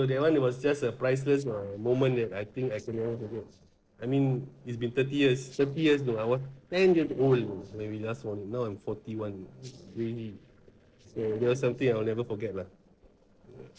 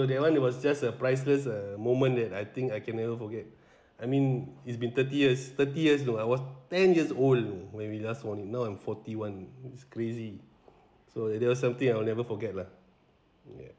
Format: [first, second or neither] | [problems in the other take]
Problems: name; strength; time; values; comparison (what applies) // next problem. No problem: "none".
second | noise reduction (neural separator model SepFormer DNS4)